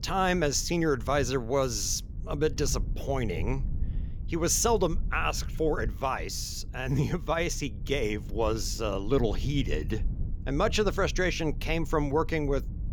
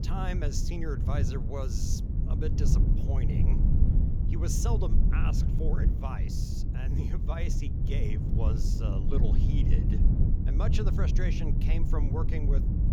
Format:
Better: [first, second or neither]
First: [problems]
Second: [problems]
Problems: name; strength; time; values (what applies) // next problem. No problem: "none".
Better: first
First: low rumble; faint; throughout; 25 dB below the speech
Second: low rumble; loud; throughout; 2 dB below the speech